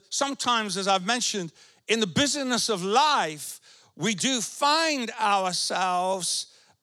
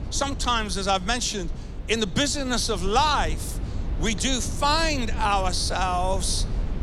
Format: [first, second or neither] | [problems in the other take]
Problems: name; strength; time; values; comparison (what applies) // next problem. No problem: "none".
first | low rumble; noticeable; throughout; 20 dB below the speech